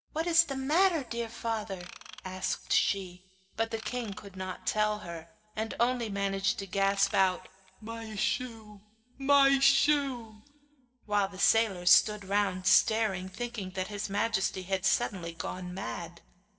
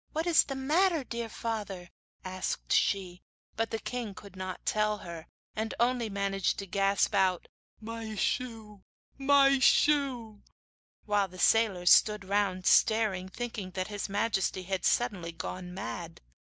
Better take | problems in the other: second | background sound (Ratchet, pawl / Tools); 19 dB below the speech // room echo; dies away in 0.9 s

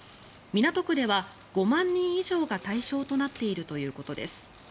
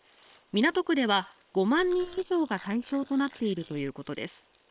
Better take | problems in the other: first | noise reduction (neural separator model SepFormer WHAM!)

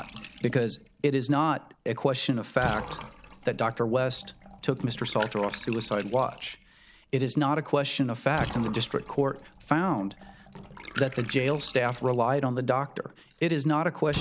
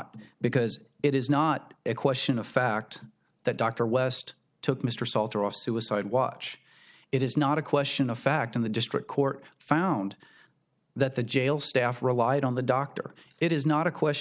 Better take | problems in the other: second | background sound (Bathtub (filling or washing) / Water); 14 dB below the speech

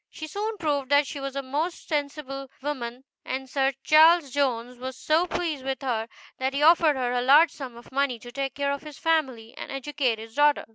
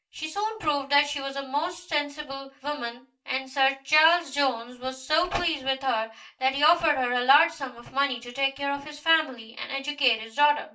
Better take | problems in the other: first | room echo; dies away in 0.2 s

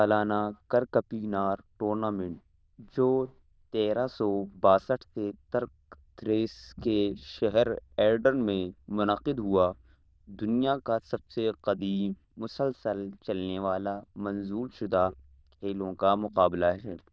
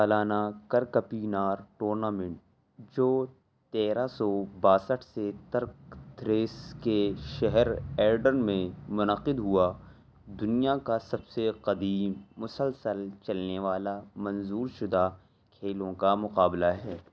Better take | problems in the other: second | noise reduction (neural diffusion model UNIVERSE++)

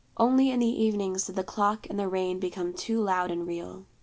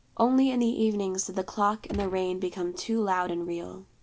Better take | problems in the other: first | background sound (Gunshot, gunfire); 14 dB below the speech

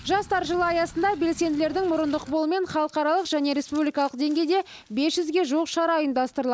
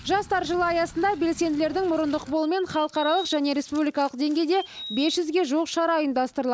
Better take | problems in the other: first | background sound (Bird vocalization, bird call, bird song); 14 dB below the speech

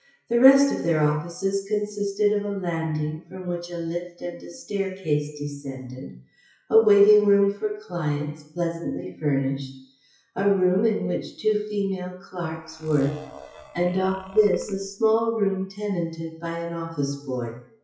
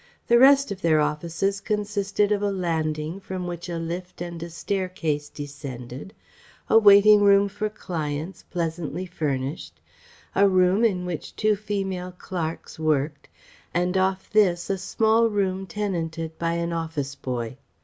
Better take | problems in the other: second | noise reduction (classical method WPE with log-MMSE)

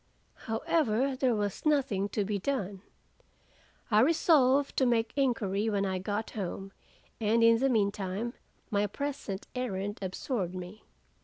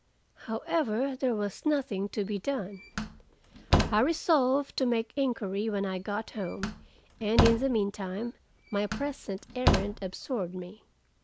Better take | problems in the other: first | background sound (Slam); 2 dB below the speech

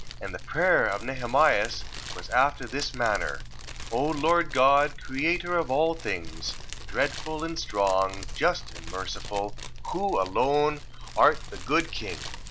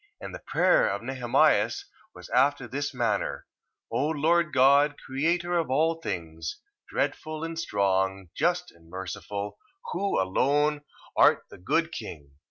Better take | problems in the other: second | background sound (Fire); 9 dB below the speech

